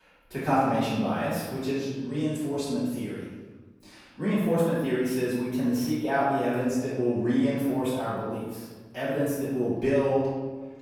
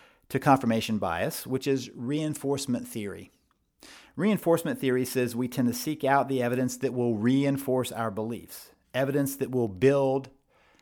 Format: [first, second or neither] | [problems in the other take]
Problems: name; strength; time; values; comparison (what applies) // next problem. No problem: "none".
second | off-mic speech; far // room echo; strong; dies away in 1.2 s